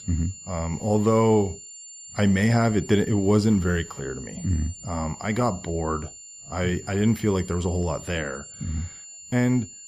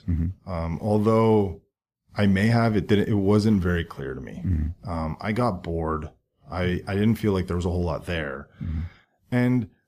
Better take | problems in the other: second | high-pitched whine; noticeable; throughout; 7 kHz, 15 dB below the speech

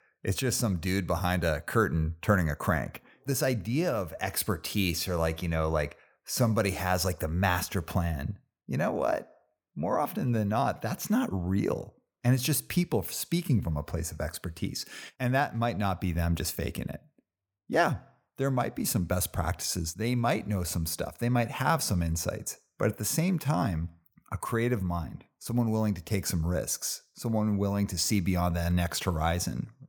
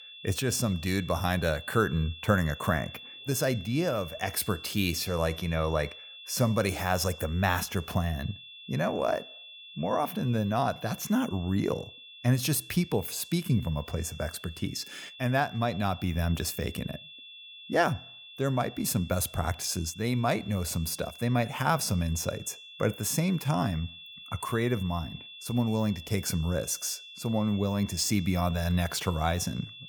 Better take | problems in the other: first | high-pitched whine; noticeable; throughout; 3.5 kHz, 15 dB below the speech

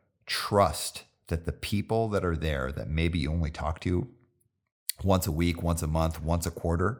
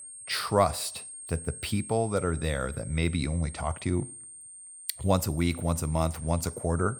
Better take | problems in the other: first | high-pitched whine; noticeable; throughout; 8.5 kHz, 10 dB below the speech

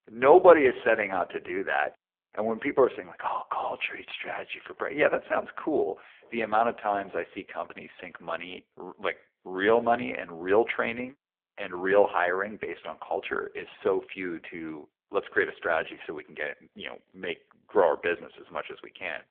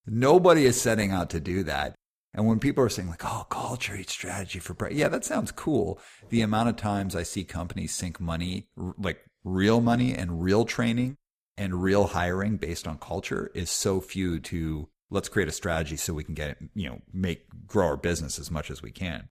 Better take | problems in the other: second | phone-call audio; poor line

